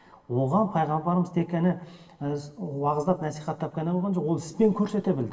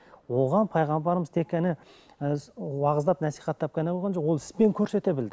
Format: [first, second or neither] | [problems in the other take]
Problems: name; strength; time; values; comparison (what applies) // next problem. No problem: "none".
second | room echo; dies away in 0.9 s